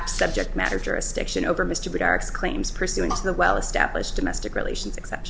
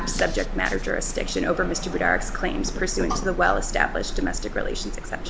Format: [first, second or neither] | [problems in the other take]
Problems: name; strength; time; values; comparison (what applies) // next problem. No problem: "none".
first | background sound (Rain); 14 dB below the speech